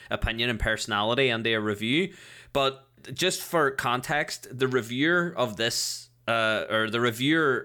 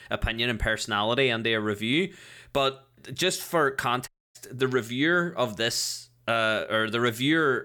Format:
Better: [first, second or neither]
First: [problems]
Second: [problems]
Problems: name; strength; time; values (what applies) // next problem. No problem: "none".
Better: first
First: none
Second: audio cutting out; at 4 s